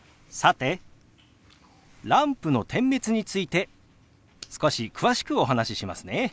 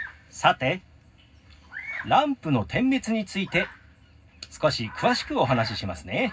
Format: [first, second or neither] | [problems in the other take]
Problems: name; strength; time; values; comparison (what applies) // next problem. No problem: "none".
first | background sound (Bird vocalization, bird call, bird song); 16 dB below the speech // room echo; dies away in 0.4 s